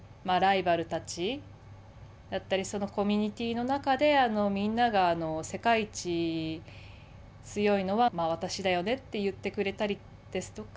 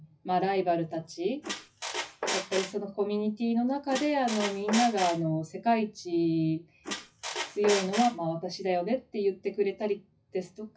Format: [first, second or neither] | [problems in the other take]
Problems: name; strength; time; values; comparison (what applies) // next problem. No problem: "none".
first | noise reduction (classical method WPE with log-MMSE)